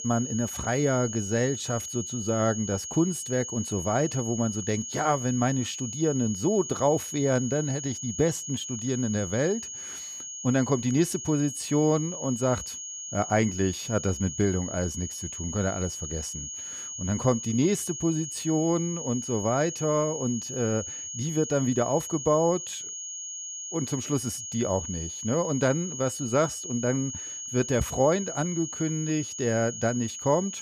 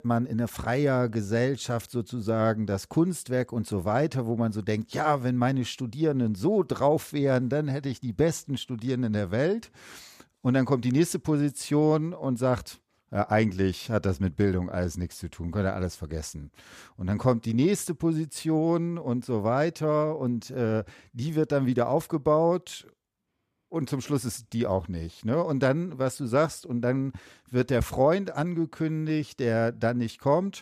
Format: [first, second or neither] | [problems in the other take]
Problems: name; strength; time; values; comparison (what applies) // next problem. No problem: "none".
second | high-pitched whine; loud; throughout; 6.5 kHz, 7 dB below the speech